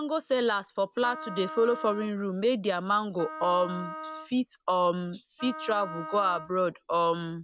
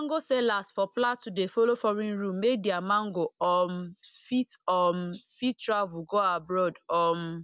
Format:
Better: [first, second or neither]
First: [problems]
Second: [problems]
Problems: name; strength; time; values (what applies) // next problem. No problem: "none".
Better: second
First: background sound (Wind instrument, woodwind instrument); 13 dB below the speech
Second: none